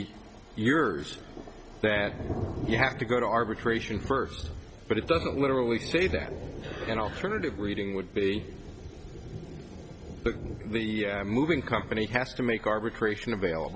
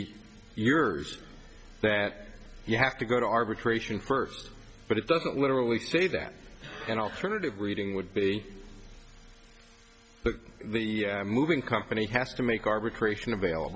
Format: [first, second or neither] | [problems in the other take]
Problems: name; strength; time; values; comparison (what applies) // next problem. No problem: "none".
second | background sound (Thunder); 10 dB below the speech